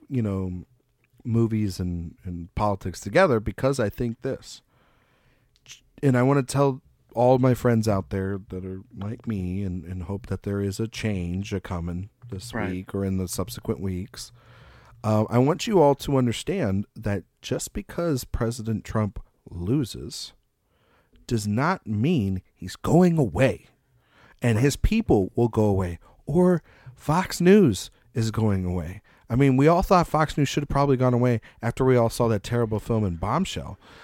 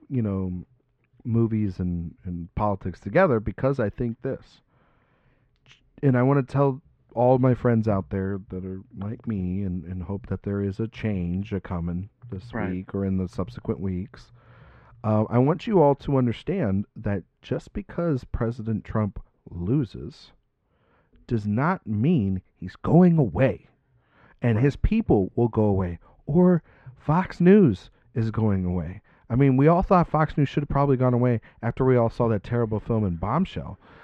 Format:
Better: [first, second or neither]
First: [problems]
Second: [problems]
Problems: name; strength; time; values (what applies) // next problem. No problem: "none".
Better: first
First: none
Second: muffled; very; fading above 2 kHz